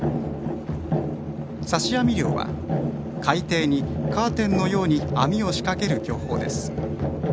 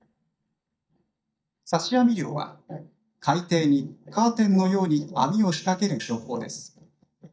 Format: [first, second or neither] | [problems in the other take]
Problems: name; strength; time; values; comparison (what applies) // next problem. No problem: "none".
first | noise reduction (neural mask model DeepFilterNet 3)